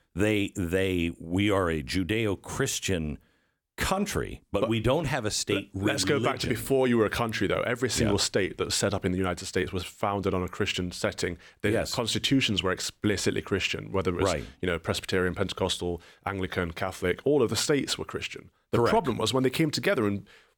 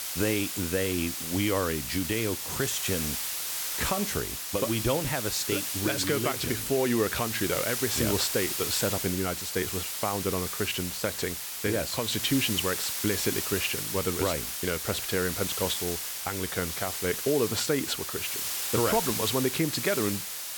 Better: first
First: none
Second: hiss; loud; throughout; 1 dB below the speech

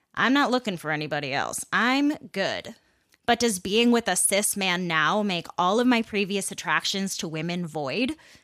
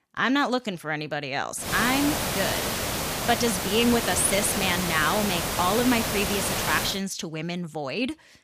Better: first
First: none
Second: hiss; loud; from 1.5 to 7 s; 1 dB below the speech

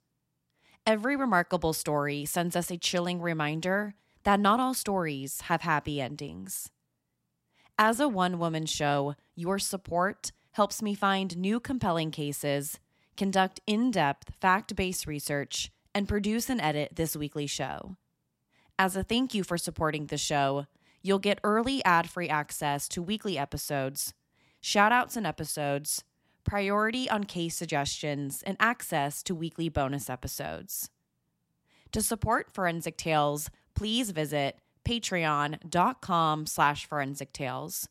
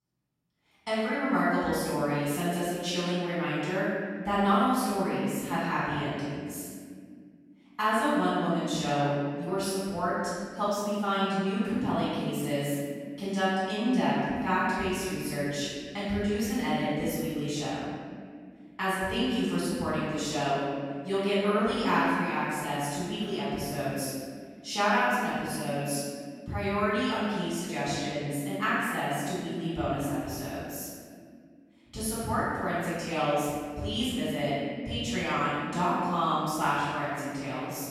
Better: first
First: none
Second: room echo; strong; dies away in 2.1 s // off-mic speech; far

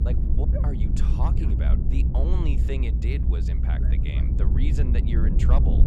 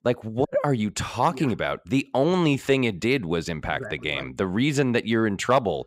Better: second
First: low rumble; loud; throughout; 1 dB below the speech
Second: none

